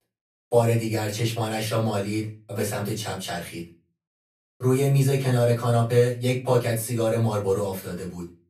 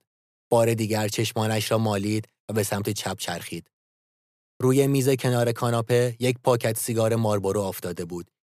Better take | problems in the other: second | off-mic speech; far // room echo; slight; dies away in 0.3 s

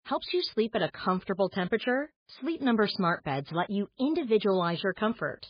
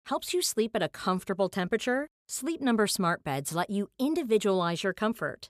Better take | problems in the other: second | garbled, watery; badly

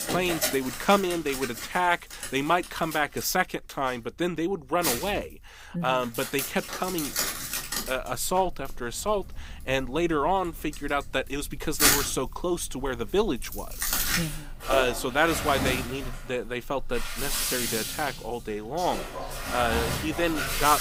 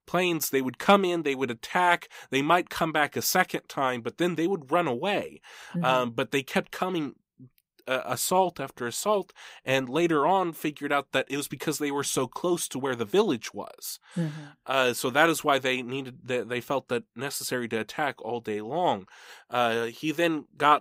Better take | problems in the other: second | household noises; loud; throughout; 1 dB below the speech

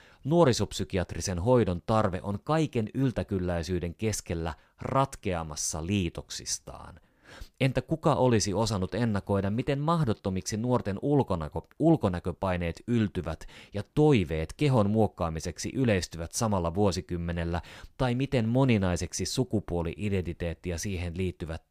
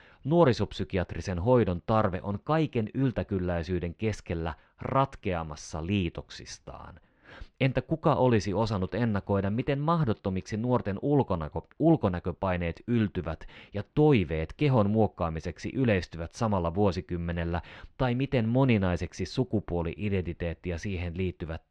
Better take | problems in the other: first | muffled; slightly; fading above 3 kHz

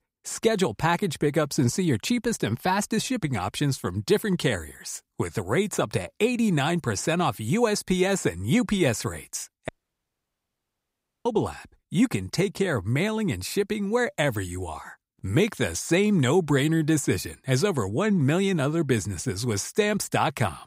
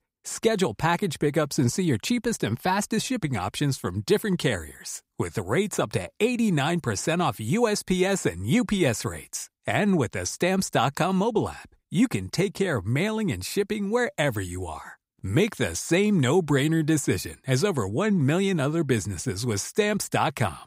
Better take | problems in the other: second | audio cutting out; at 9.5 s for 1.5 s

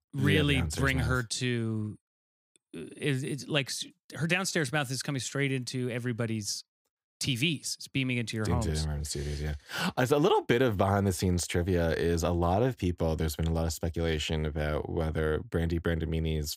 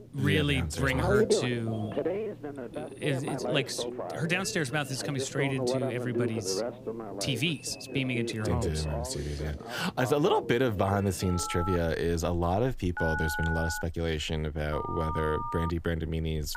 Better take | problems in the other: first | alarms or sirens; loud; throughout; 5 dB below the speech

